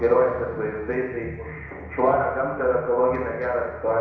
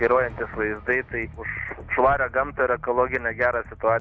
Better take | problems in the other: second | room echo; dies away in 1 s

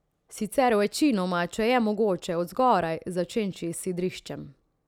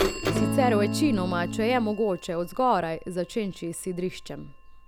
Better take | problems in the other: first | background sound (Bird vocalization, bird call, bird song / Telephone + Acoustic guitar / Strum); 4 dB below the speech

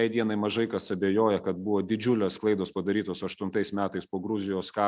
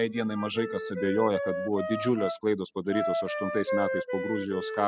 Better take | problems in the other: first | noise reduction (classical method spectral subtraction)

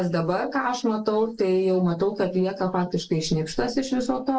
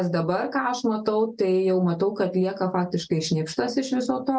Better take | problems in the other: second | noise reduction (neural mask model Resemble Enhance denoiser)

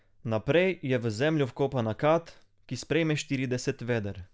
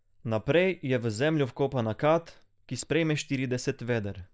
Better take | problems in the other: first | noise reduction (neural mask model DeepFilterNet 3)

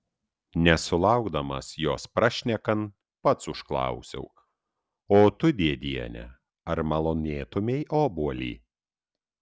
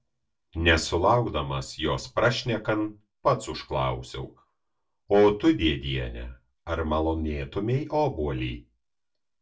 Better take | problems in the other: first | room echo; dies away in 0.2 s

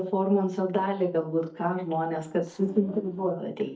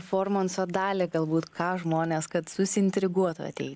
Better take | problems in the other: second | noise reduction (neural mask model DeepFilterNet 3)

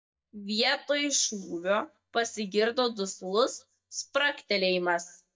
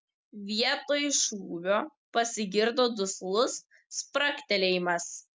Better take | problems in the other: second | noise reduction (neural mask model DeepFilterNet 3)

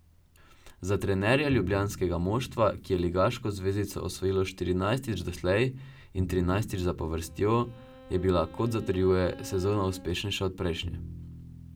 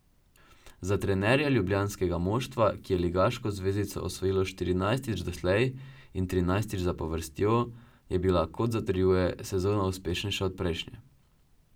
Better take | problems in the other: second | background sound (Bowed string instrument + Bowed string instrument); 16 dB below the speech

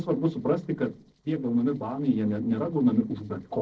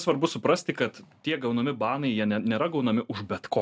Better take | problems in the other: second | noise reduction (neural separator model SepFormer DNS4)

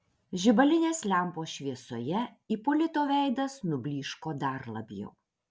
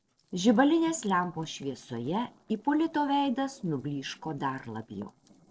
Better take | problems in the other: first | noise reduction (neural separator model SepFormer DNS4)

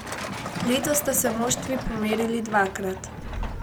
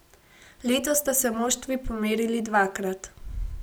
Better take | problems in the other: second | background sound (Truck); 7 dB below the speech

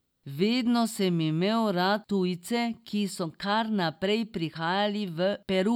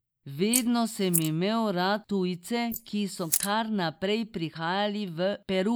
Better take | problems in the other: first | noise reduction (neural mask model Resemble Enhance denoiser)

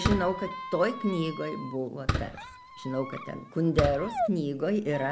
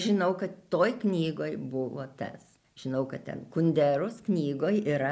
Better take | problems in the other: second | background sound (Squeak + Fireworks); 5 dB below the speech

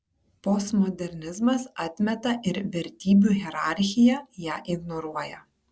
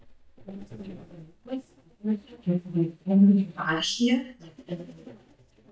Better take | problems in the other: first | noise reduction (neural mask model DeepFilterNet 3)

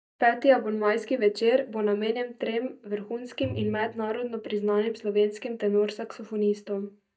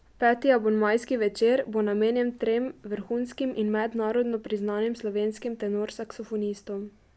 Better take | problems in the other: second | noise reduction (neural mask model DeepFilterNet 3)

